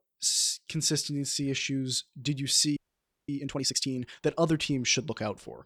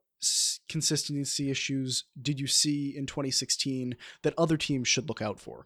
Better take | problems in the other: second | audio freezing; at 3 s for 0.5 s

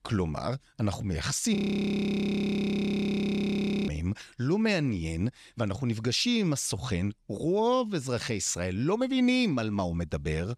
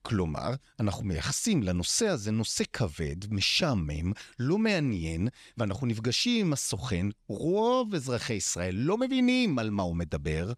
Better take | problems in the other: second | audio freezing; at 1.5 s for 2.5 s

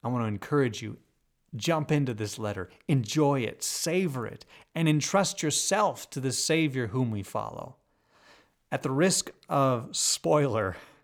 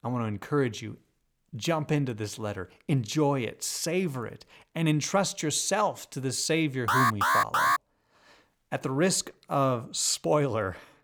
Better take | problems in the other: first | alarm; loud; at 7 s; peak 5 dB above the speech

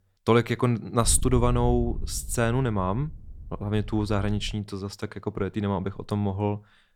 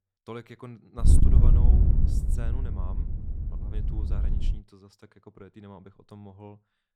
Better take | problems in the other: first | wind noise on the microphone; heavy; from 1 to 4.5 s; 4 dB above the speech; occasional gusts in the first

